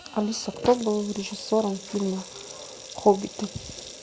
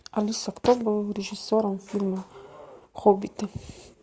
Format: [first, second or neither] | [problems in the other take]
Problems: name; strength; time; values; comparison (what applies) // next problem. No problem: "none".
second | background sound (Sink (filling or washing) / Water tap, faucet); 15 dB below the speech